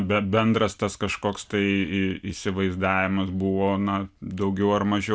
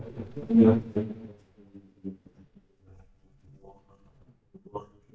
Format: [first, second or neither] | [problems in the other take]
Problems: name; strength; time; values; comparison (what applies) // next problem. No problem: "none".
first | noise reduction (neural mask model DeepFilterNet 3)